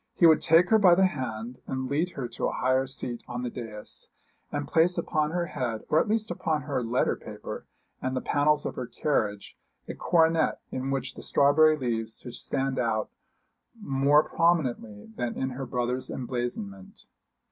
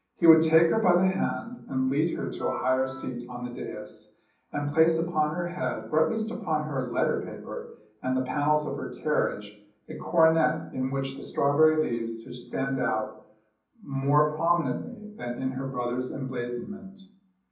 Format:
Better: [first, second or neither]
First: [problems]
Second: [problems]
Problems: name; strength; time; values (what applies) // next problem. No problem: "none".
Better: first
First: none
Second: background sound (Wind instrument, woodwind instrument); 17 dB below the speech // room echo; dies away in 0.6 s